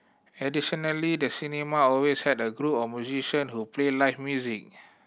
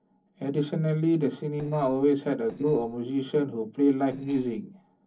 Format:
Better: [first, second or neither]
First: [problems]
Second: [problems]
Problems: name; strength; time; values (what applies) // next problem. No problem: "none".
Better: first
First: none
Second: noise reduction (neural separator model SepFormer DNS4)